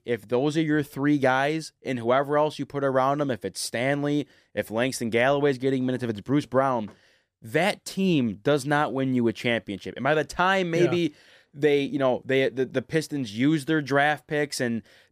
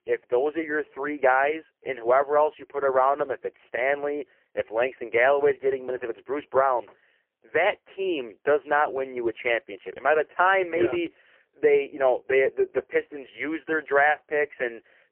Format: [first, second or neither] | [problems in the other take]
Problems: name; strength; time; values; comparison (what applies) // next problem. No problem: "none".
first | phone-call audio; poor line; nothing above 3 kHz